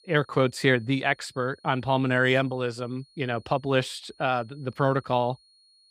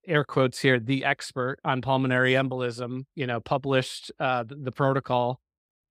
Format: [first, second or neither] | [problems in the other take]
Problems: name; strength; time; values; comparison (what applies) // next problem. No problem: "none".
second | high-pitched whine; faint; throughout; 4.5 kHz, 30 dB below the speech